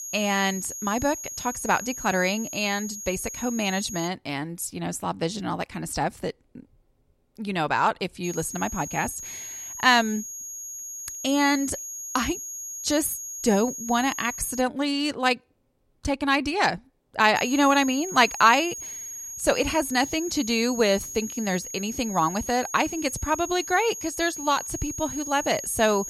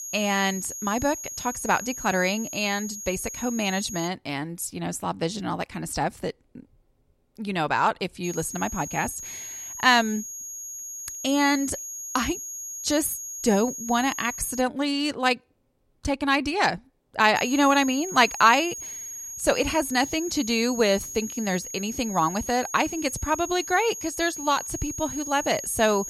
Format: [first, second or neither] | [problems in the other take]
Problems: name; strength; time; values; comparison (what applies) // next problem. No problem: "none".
neither | high-pitched whine; loud; until 4 s, from 8 to 15 s and from 17 s on; 6.5 kHz, 9 dB below the speech; the same in both